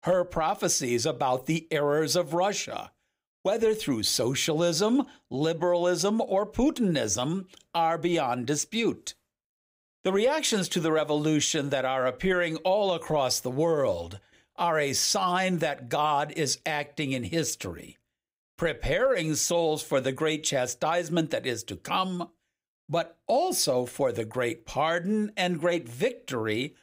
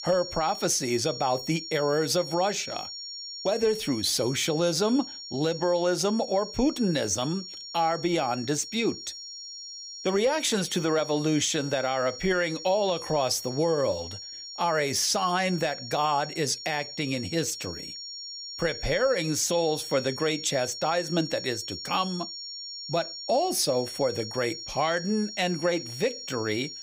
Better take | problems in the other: first | high-pitched whine; loud; throughout; 5.5 kHz, 10 dB below the speech

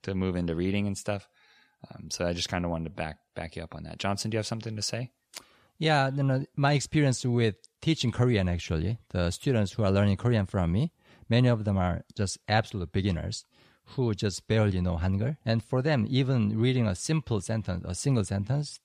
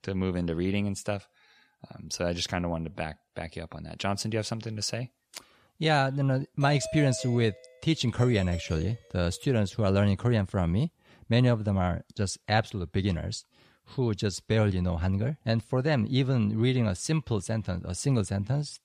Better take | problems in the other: first | doorbell; noticeable; from 6.5 to 9 s; peak 8 dB below the speech

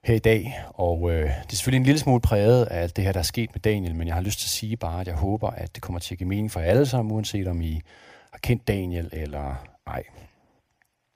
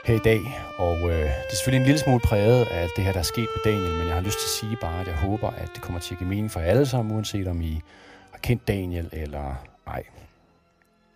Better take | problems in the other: first | background music; loud; throughout; 8 dB below the speech

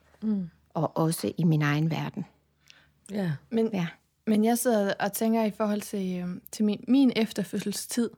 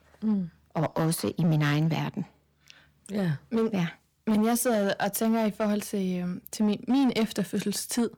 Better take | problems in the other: first | distortion; slight; 9% of the sound clipped

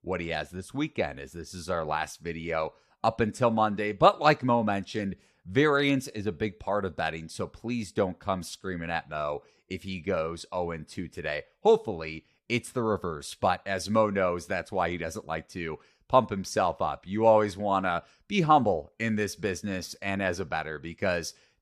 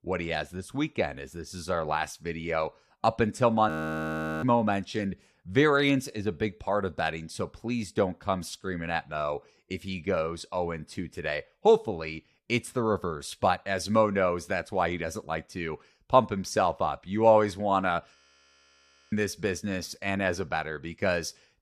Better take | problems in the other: first | audio freezing; at 3.5 s for 0.5 s and at 18 s for 1 s

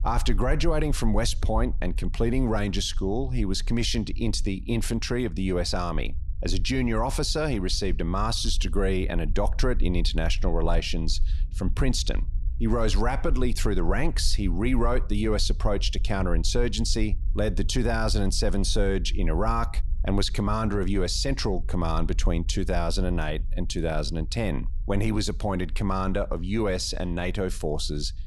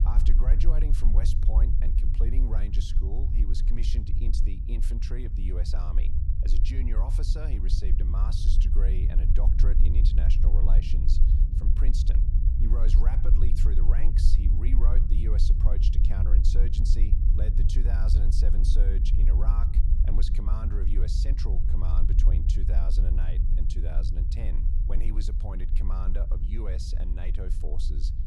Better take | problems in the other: first | low rumble; loud; throughout; 2 dB below the speech; faint in the first

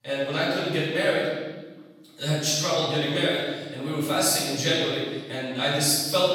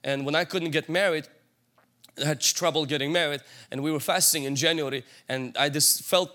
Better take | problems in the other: second | room echo; strong; dies away in 1.3 s // off-mic speech; far

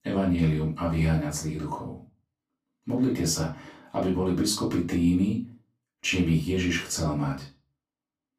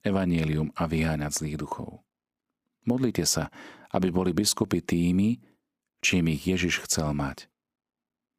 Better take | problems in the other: second | room echo; slight; dies away in 0.3 s // off-mic speech; far

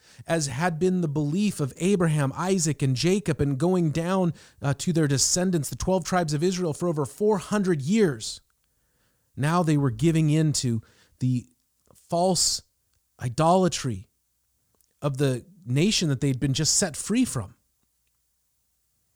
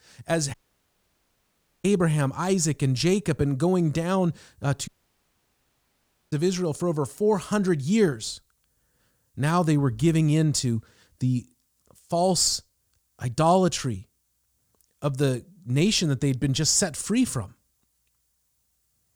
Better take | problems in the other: first | audio cutting out; at 0.5 s for 1.5 s and at 5 s for 1.5 s

